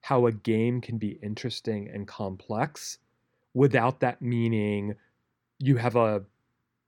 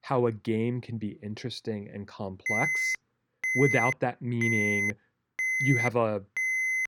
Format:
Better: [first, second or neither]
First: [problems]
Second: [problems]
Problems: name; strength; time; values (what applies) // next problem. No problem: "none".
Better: first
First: none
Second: alarm; loud; from 2.5 s on; peak 5 dB above the speech